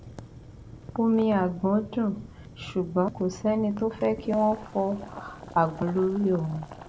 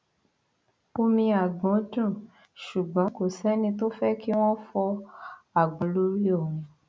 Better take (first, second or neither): second